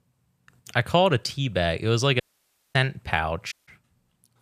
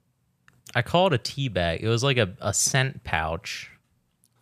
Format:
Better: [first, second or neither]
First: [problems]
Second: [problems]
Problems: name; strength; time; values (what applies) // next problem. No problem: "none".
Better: second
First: audio cutting out; at 2 s for 0.5 s and at 3.5 s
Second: none